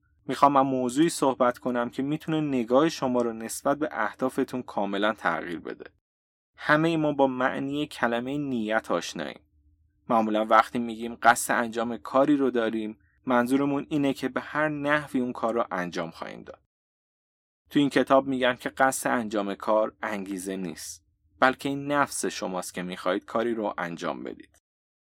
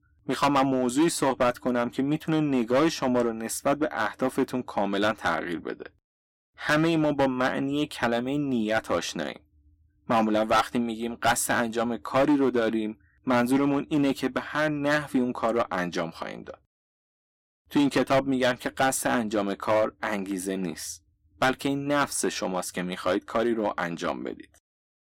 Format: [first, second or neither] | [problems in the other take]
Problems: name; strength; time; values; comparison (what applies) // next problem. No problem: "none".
first | distortion; heavy; 5% of the sound clipped